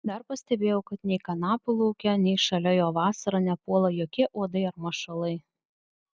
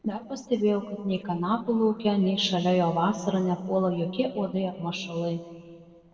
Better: first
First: none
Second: noise reduction (neural separator model SepFormer DNS4)

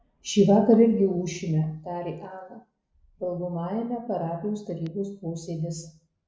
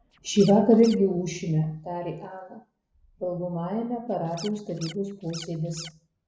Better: first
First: none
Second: background sound (Scratching (performance technique)); 18 dB below the speech

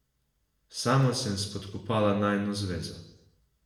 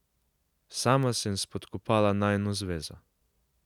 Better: second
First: room echo; dies away in 0.8 s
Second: none

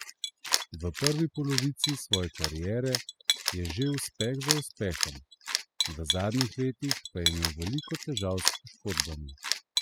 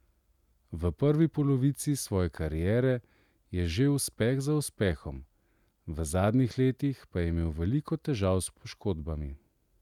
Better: second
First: noise reduction (classical method spectral subtraction)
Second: none

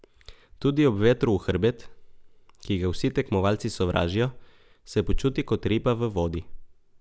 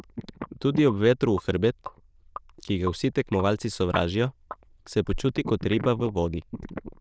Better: first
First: none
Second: noise reduction (neural diffusion model UNIVERSE++)

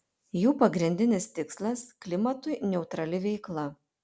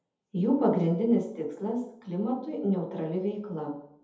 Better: first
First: none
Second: room echo; dies away in 0.7 s

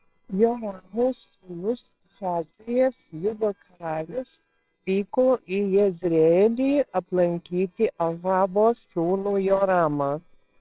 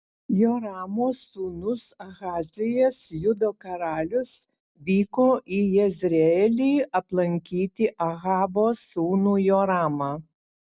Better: second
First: noise reduction (neural separator model SepFormer WHAMR!)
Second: none

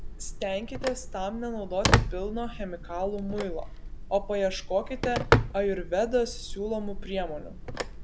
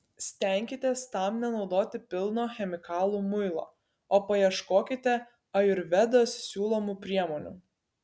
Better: second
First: background sound (Telephone); as loud as the speech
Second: none

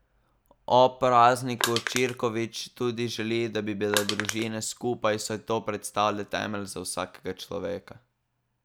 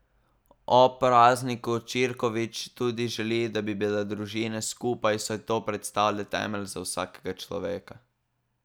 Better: second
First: background sound (Crushing); 3 dB below the speech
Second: none

